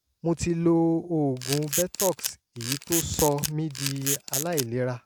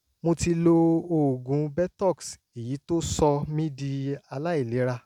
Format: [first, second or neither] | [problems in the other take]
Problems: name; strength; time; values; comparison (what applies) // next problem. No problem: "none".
second | background sound (Camera); 4 dB below the speech